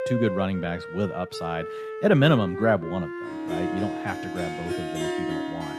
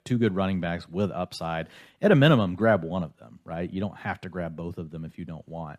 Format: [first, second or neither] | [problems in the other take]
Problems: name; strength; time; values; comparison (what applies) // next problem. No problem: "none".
second | background music; loud; throughout; 6 dB below the speech